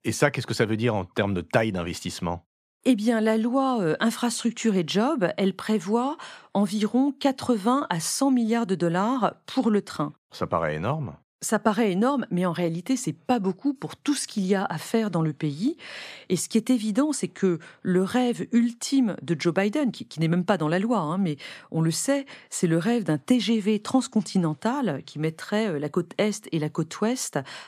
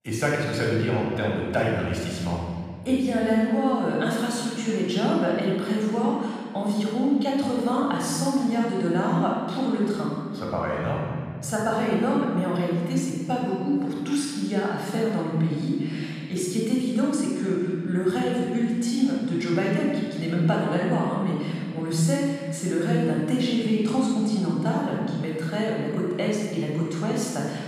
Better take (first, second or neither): first